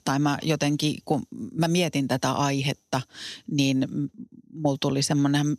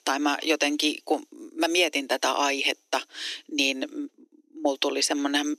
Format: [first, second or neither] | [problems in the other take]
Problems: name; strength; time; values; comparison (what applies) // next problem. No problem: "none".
first | thin; somewhat; fading below 300 Hz